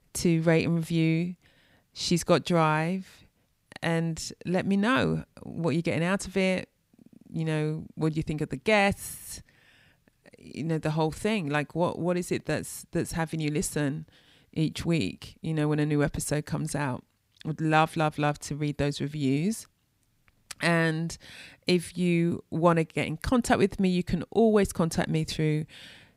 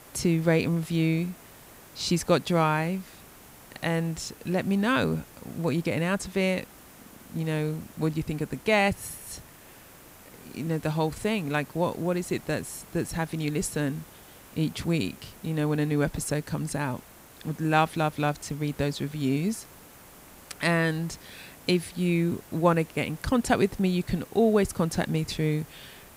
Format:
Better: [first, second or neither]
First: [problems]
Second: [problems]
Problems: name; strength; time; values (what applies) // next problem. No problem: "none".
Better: first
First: none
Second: hiss; faint; throughout; 20 dB below the speech